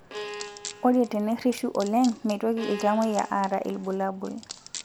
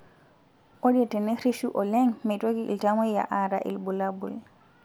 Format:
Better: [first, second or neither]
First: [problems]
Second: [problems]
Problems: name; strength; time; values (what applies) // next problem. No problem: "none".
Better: second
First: background sound (Wood + Bowed string instrument); 14 dB below the speech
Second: none